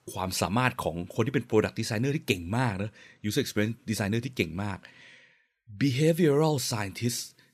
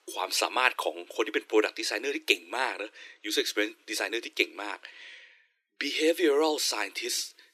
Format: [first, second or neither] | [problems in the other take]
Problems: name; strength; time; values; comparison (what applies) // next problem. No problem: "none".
first | thin; very; fading below 300 Hz